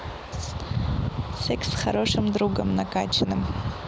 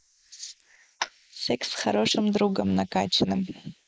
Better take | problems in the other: first | noise reduction (neural mask model Resemble Enhance denoiser)

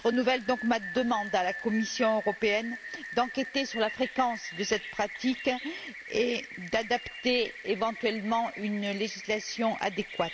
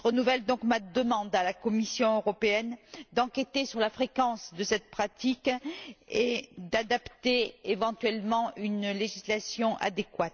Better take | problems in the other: second | background sound (Rain); 12 dB below the speech

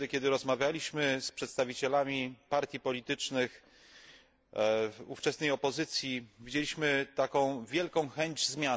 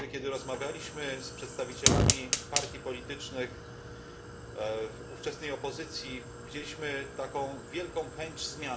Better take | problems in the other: first | background sound (Fire); 3 dB above the speech // room echo; dies away in 0.5 s

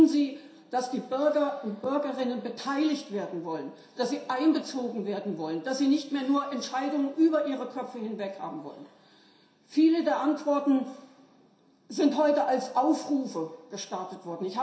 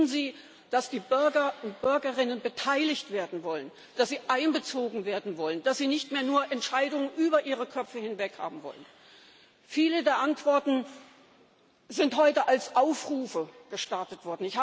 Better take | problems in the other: second | room echo; dies away in 0.7 s

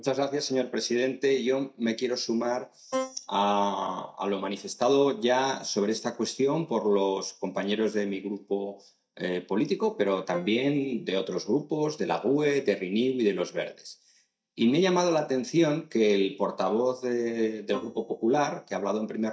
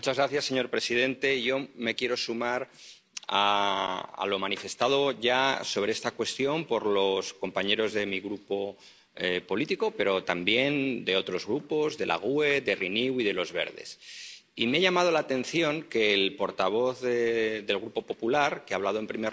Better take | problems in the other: second | noise reduction (neural mask model DeepFilterNet 3)

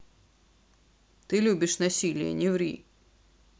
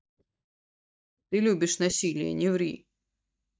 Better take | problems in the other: first | noise reduction (neural mask model DeepFilterNet 3)

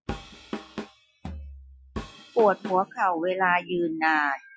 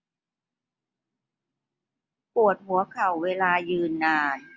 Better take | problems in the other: second | noise reduction (classical method Wiener filter)

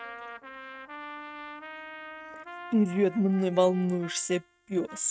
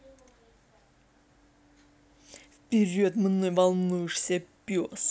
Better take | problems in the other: second | noise reduction (neural mask model RNNoise)

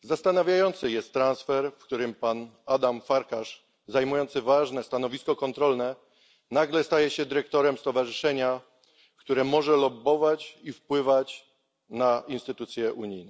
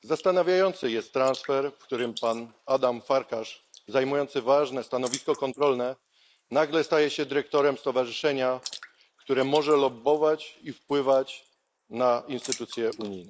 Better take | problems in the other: first | noise reduction (neural mask model Resemble Enhance denoiser)

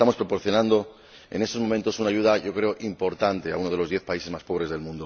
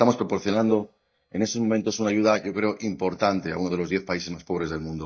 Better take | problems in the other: first | noise reduction (neural mask model DeepFilterNet 3)

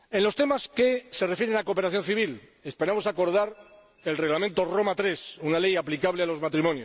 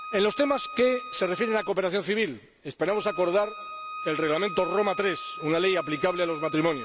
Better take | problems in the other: first | background sound (Bowed string instrument); 11 dB below the speech

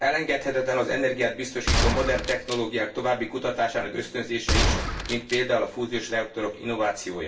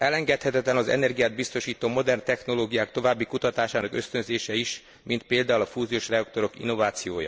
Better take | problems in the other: second | background sound (Gunshot, gunfire); as loud as the speech // room echo; dies away in 0.3 s

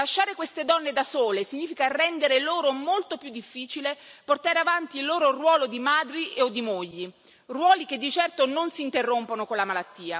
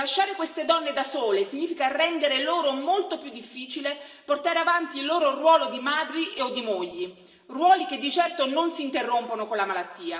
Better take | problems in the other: first | room echo; dies away in 0.9 s

